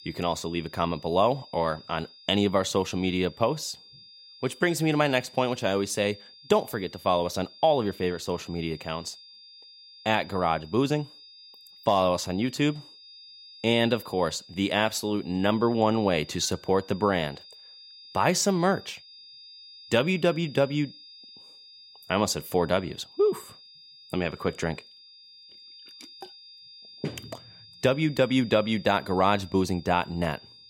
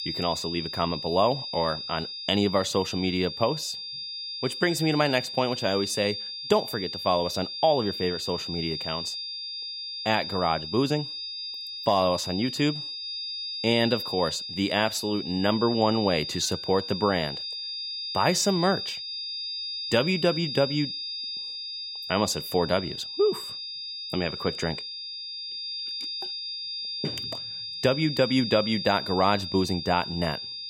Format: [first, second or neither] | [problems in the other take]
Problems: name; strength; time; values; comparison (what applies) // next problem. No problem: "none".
first | high-pitched whine; loud; throughout; 5 kHz, 6 dB below the speech; faint in the first